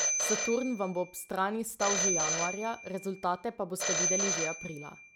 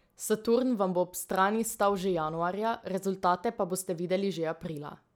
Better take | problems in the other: second | background sound (Telephone); as loud as the speech

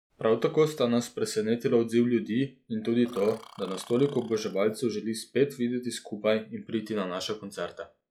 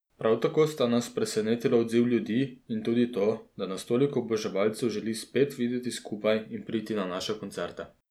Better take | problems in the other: second | noise reduction (classical method log-MMSE)

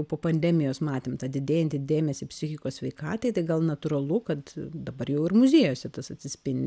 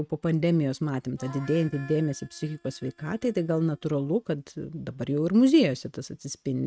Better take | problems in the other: first | noise reduction (neural mask model RNNoise)

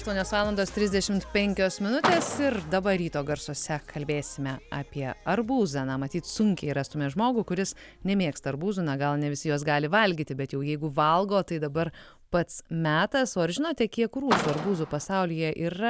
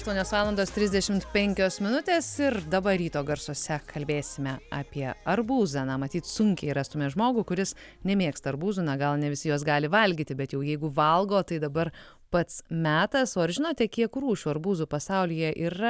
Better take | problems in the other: second | background sound (Car); 5 dB below the speech

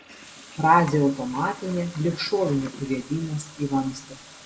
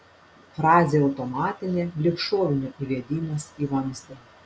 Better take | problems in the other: second | background sound (Toilet flush / Water tap, faucet); 19 dB below the speech // room echo; dies away in 0.9 s

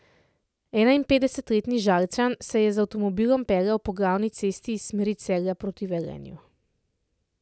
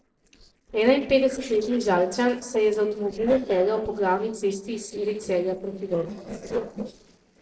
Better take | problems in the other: first | noise reduction (neural separator model SepFormer DNS4)

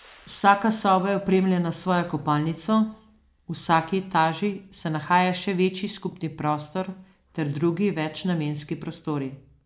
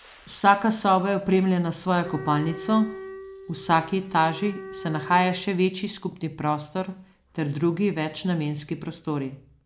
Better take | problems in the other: first | background sound (Wind instrument, woodwind instrument); 14 dB below the speech

